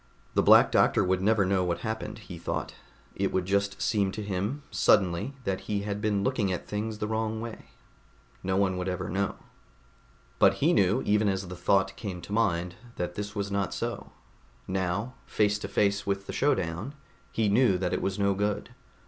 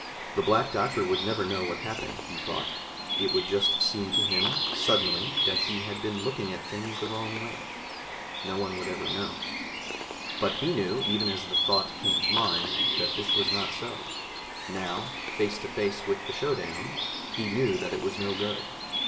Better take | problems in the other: first | background sound (Bird); as loud as the speech // room echo; dies away in 1 s

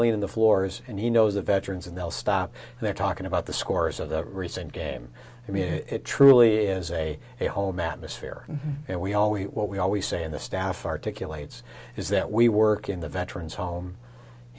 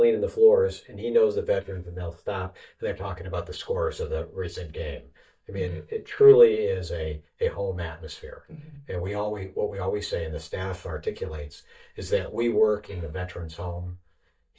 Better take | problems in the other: first | noise reduction (neural mask model DeepFilterNet 3)

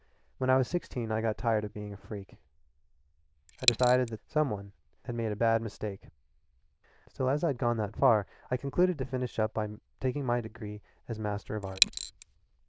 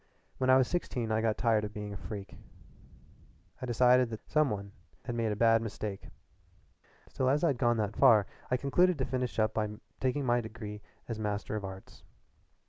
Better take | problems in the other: second | noise reduction (neural diffusion model UNIVERSE++)

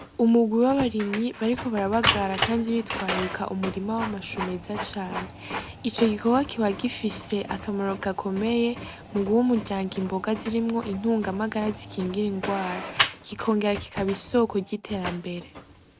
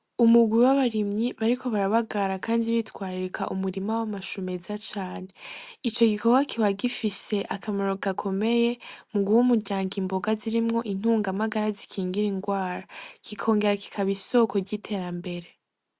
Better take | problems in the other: second | background sound (Printer); 8 dB below the speech

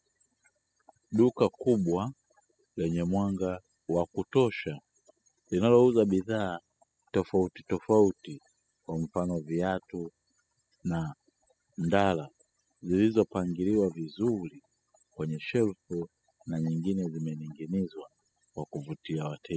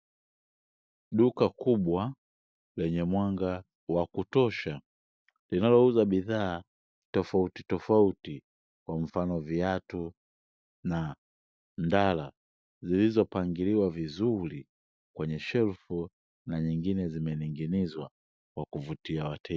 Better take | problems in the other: second | noise reduction (classical method spectral subtraction)

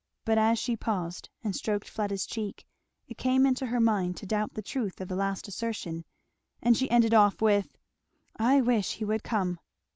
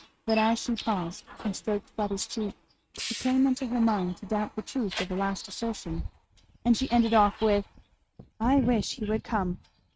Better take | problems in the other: first | noise reduction (neural mask model RNNoise)

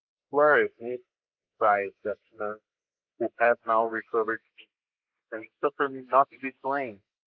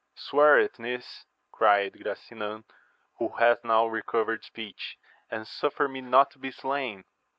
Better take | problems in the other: second | noise reduction (neural mask model Resemble Enhance denoiser)

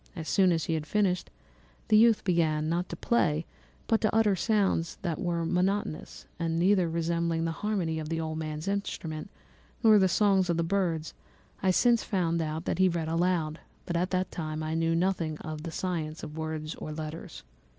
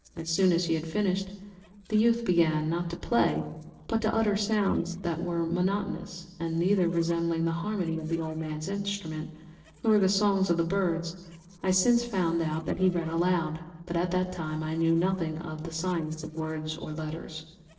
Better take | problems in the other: first | noise reduction (neural separator model SepFormer DNS4)

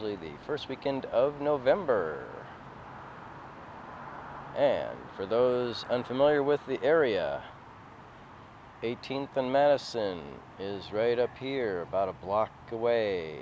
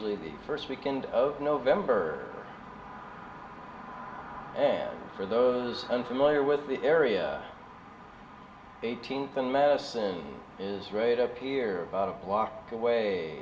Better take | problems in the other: first | room echo; dies away in 0.7 s

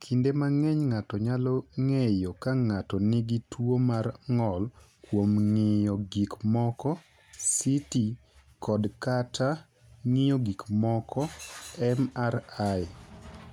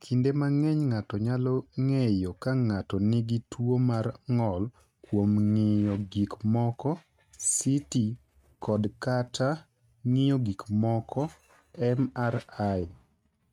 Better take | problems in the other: first | noise reduction (neural mask model RNNoise)

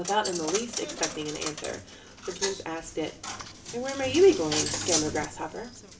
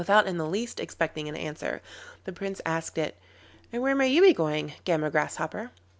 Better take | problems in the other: second | background sound (Coin (dropping)); 6 dB below the speech // room echo; dies away in 0.4 s

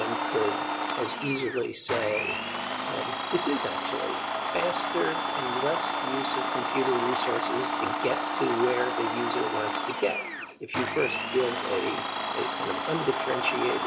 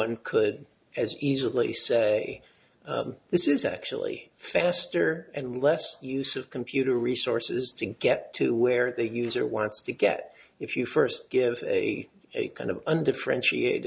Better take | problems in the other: second | background sound (Domestic sounds, home sounds); 1 dB above the speech // room echo; dies away in 0.7 s

